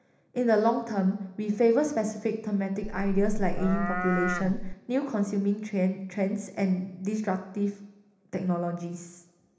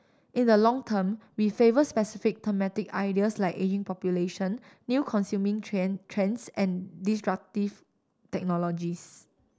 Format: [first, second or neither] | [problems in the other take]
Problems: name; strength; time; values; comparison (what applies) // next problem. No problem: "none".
second | background sound (Livestock, farm animals, working animals); 1 dB below the speech // room echo; dies away in 1 s